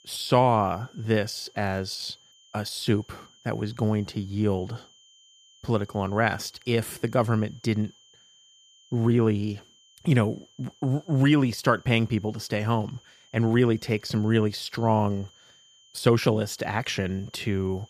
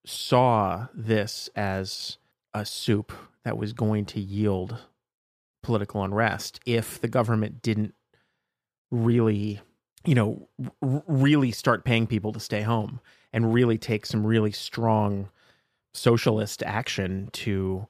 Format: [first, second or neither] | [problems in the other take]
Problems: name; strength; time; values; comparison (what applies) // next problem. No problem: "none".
second | high-pitched whine; faint; throughout; 3 kHz, 30 dB below the speech